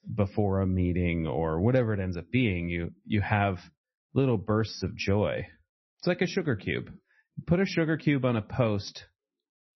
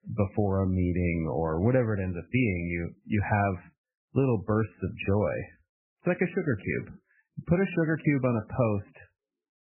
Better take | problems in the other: first | garbled, watery; badly; nothing above 2.5 kHz; slightly in the first

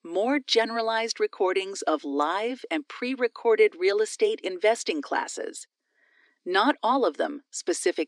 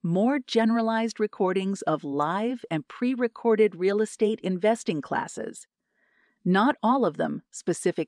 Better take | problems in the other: second | thin; somewhat; fading below 300 Hz

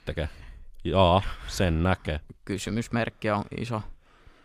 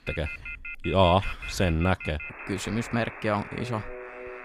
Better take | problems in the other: first | alarms or sirens; noticeable; throughout; 10 dB below the speech

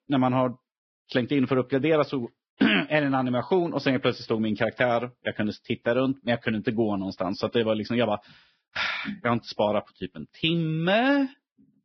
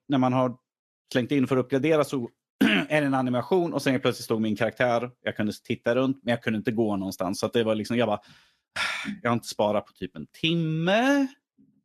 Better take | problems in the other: second | garbled, watery; badly; nothing above 5.5 kHz; slightly in the second

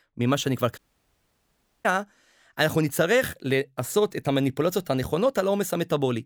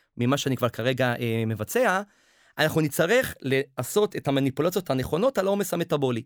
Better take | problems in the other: second | audio cutting out; at 1 s for 1 s

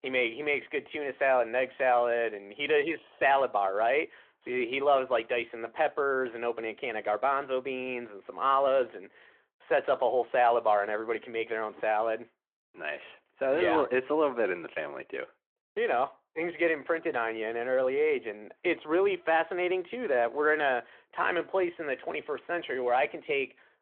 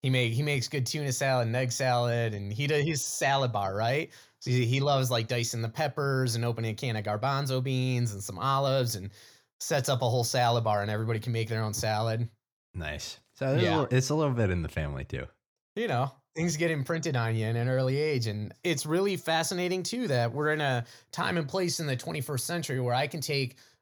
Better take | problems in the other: second | phone-call audio

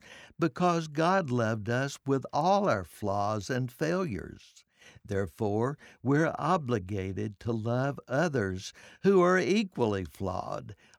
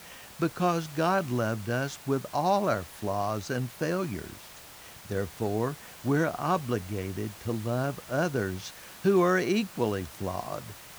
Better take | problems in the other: first | hiss; noticeable; throughout; 15 dB below the speech

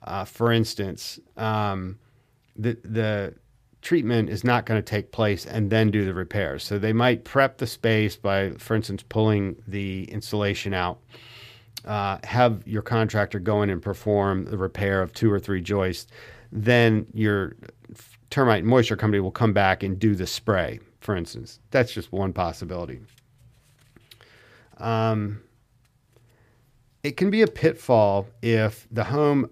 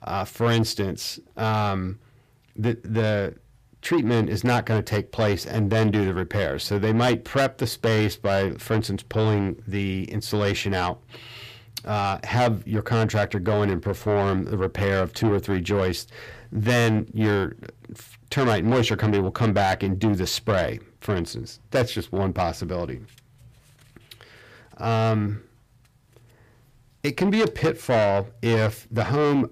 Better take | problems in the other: first | distortion; heavy; 8 dB below the speech

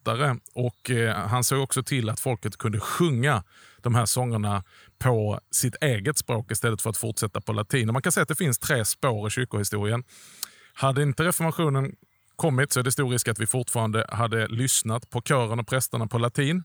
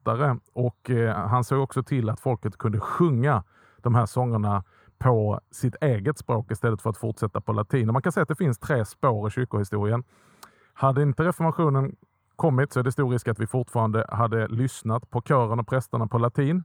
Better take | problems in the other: first | muffled; very; fading above 2 kHz

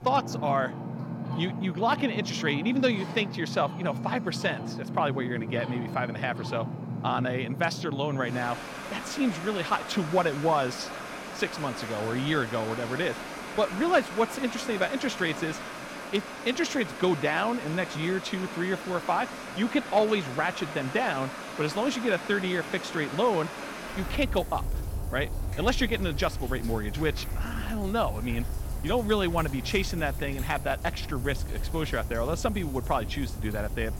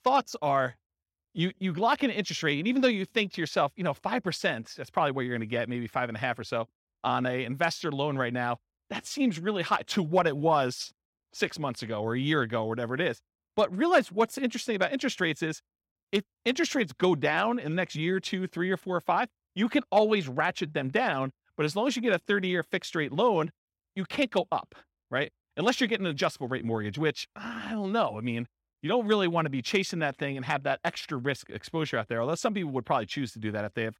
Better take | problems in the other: second | rain or running water; loud; throughout; 7 dB below the speech

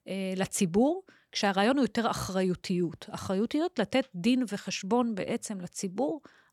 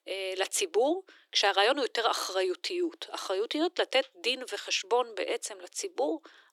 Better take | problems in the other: first | thin; very; fading below 300 Hz

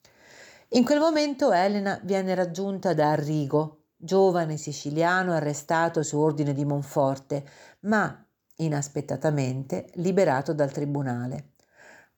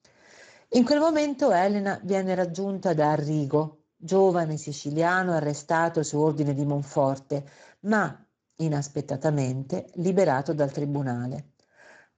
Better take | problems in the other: first | garbled, watery; badly; nothing above 7.5 kHz

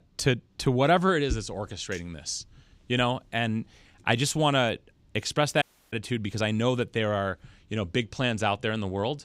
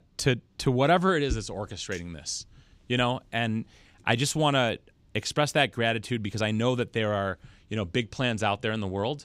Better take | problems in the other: second | audio cutting out; at 5.5 s

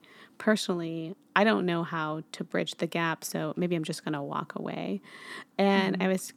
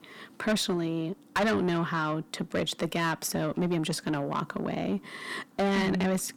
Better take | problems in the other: first | distortion; heavy; 6 dB below the speech

